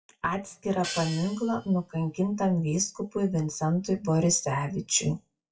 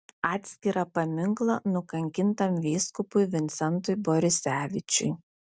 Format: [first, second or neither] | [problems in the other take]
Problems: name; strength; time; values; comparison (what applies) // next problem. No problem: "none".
second | noise reduction (classical method WPE with log-MMSE)